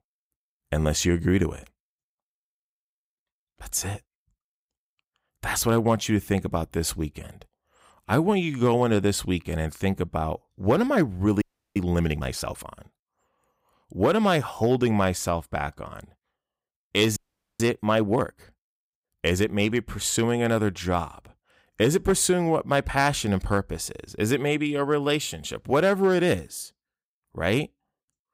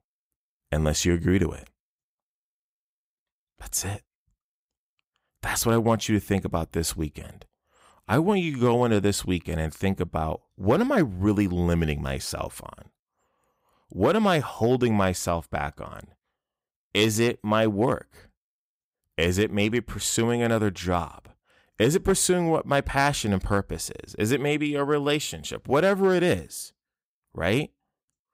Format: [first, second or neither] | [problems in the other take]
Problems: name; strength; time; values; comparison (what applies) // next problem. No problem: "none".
second | audio freezing; at 11 s and at 17 s